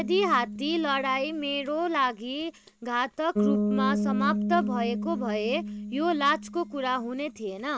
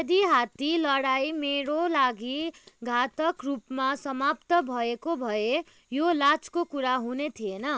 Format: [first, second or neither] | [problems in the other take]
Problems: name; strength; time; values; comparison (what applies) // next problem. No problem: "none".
second | background sound (Bass guitar); 3 dB below the speech